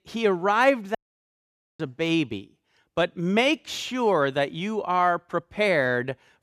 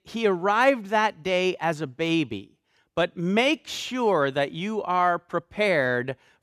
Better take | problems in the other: second | audio cutting out; at 1 s for 1 s

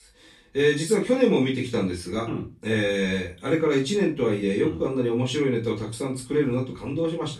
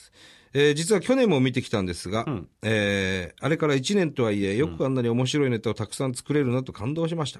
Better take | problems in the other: second | off-mic speech; far // room echo; slight; dies away in 0.3 s

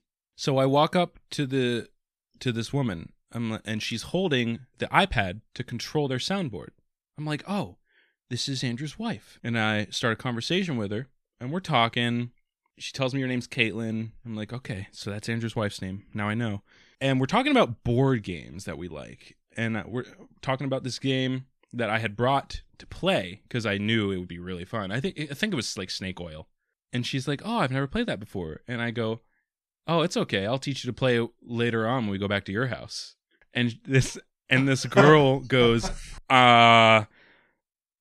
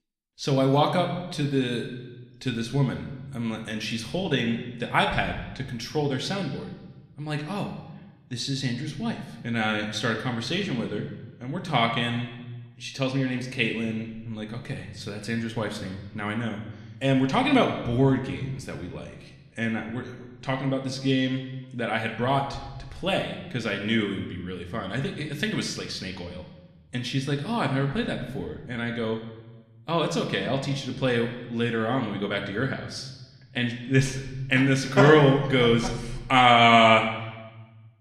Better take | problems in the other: first | room echo; slight; dies away in 1 s

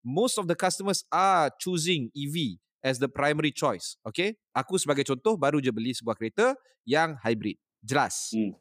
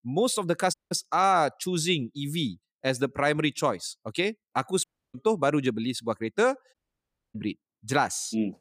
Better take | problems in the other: first | audio cutting out; at 0.5 s, at 5 s and at 6.5 s for 0.5 s

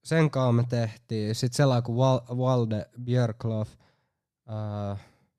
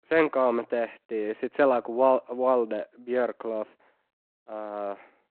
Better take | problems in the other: first | phone-call audio; nothing above 4 kHz

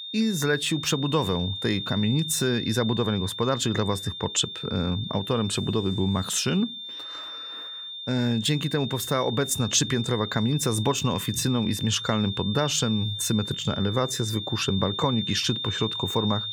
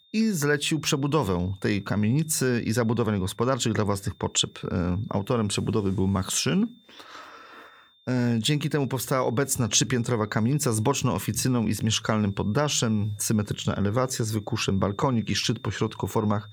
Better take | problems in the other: second | high-pitched whine; loud; throughout; 3.5 kHz, 7 dB below the speech; faint in the second

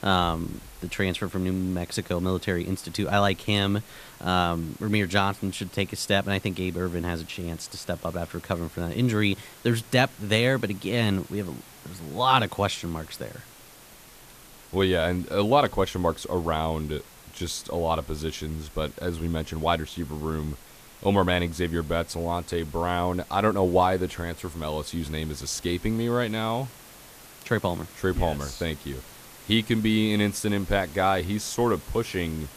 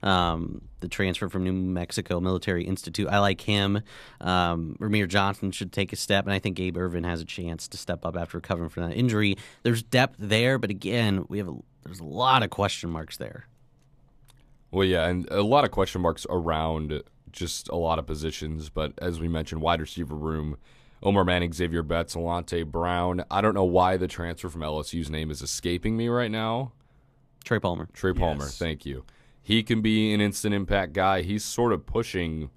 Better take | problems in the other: second | hiss; faint; throughout; 20 dB below the speech

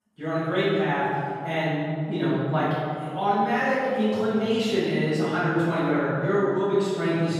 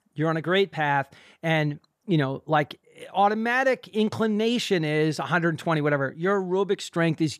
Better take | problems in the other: second | room echo; strong; dies away in 2.2 s // off-mic speech; far

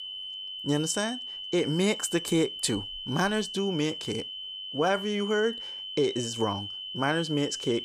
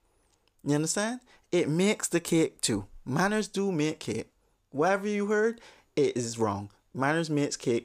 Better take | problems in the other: second | high-pitched whine; loud; throughout; 3 kHz, 7 dB below the speech

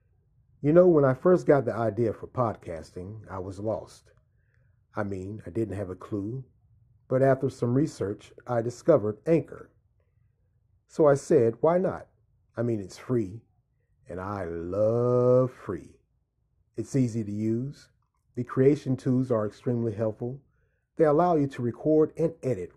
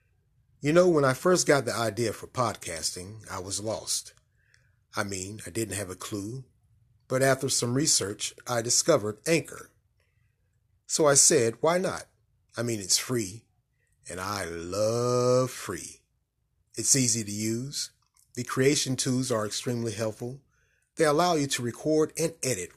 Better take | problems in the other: second | muffled; very; fading above 2 kHz

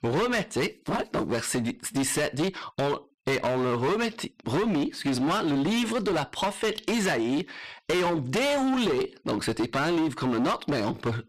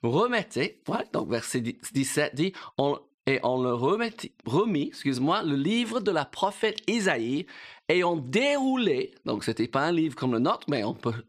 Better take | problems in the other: second | distortion; heavy; 23% of the sound clipped

